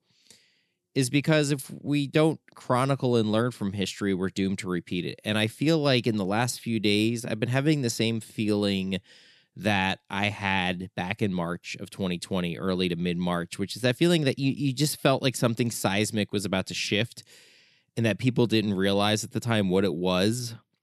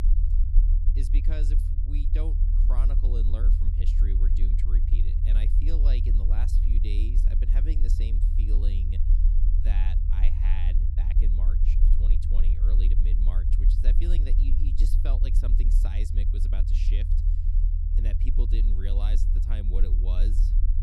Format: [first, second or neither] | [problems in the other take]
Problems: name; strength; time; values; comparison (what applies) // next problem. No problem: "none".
first | low rumble; loud; throughout; 1 dB below the speech